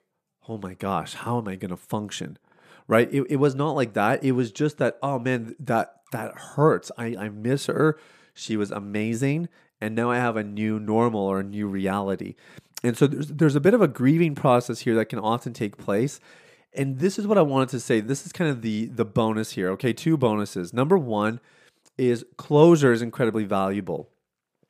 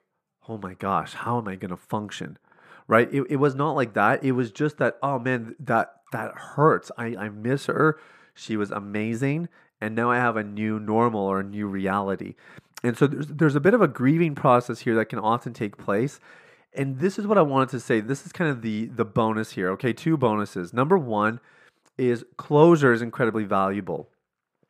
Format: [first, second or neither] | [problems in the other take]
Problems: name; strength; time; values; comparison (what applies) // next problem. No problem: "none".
first | muffled; slightly; fading above 3 kHz